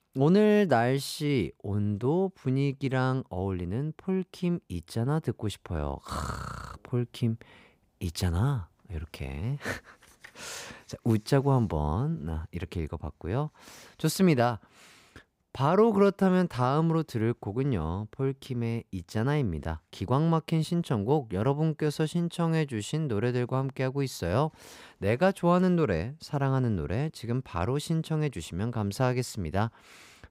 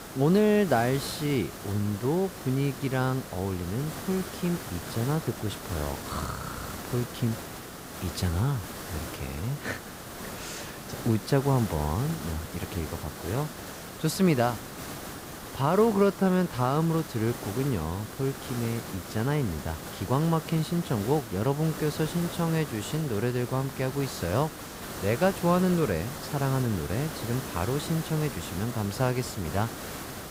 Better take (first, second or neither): first